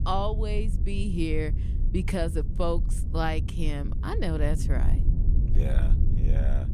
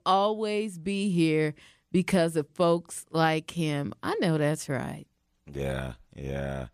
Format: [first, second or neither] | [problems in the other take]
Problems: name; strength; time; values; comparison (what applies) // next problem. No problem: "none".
second | low rumble; noticeable; throughout; 10 dB below the speech